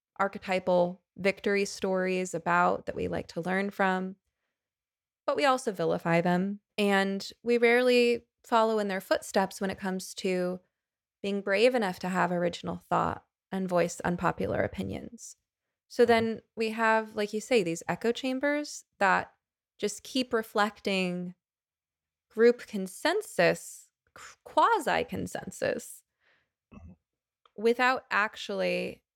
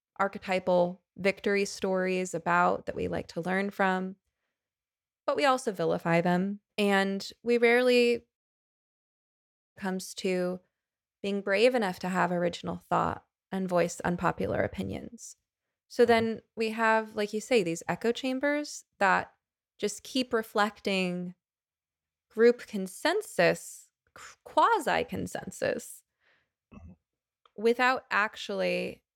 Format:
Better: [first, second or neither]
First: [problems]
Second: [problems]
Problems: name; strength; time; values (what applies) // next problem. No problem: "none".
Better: first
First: none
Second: audio cutting out; at 8.5 s for 1.5 s